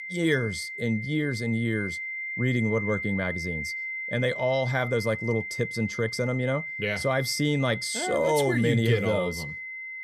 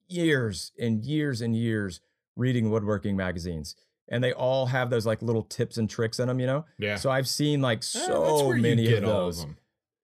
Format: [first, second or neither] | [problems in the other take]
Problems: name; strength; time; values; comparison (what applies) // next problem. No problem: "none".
second | high-pitched whine; loud; throughout; 2 kHz, 6 dB below the speech